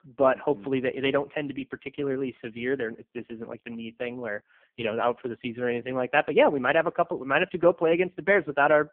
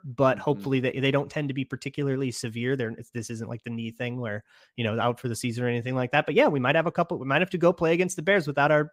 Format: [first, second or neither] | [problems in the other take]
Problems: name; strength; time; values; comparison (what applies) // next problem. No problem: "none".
second | phone-call audio; poor line